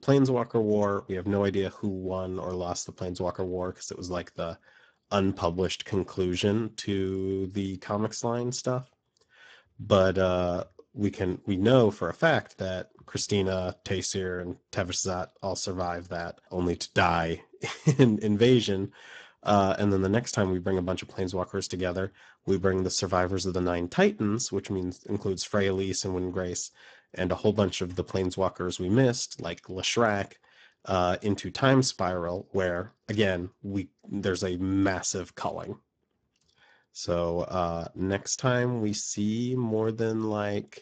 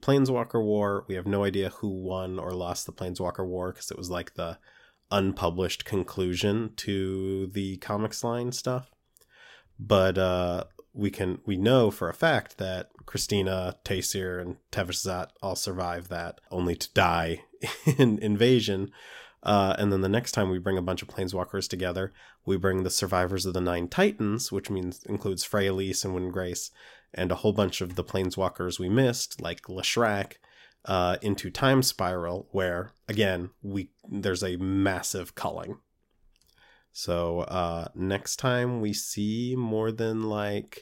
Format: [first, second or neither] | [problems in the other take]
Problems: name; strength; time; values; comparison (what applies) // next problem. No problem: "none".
second | garbled, watery; badly; nothing above 7.5 kHz